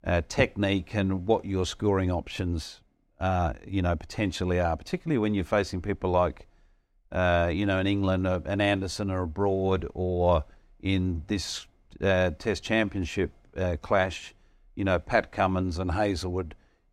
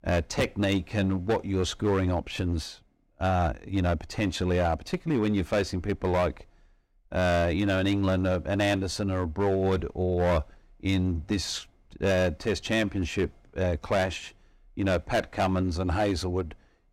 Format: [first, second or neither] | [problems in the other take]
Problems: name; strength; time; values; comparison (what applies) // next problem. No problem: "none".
first | distortion; slight; 7% of the sound clipped